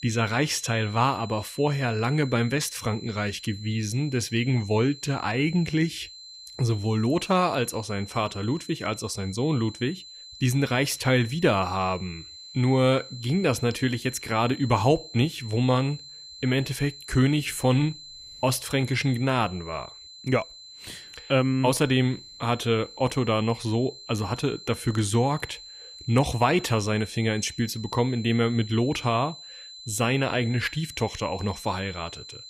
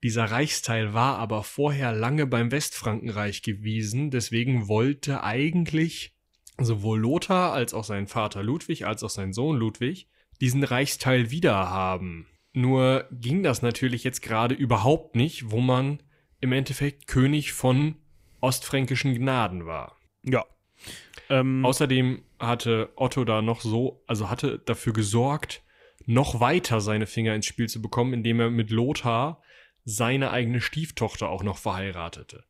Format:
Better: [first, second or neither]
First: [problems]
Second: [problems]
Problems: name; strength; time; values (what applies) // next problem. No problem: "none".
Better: second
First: high-pitched whine; noticeable; throughout; 4 kHz, 15 dB below the speech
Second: none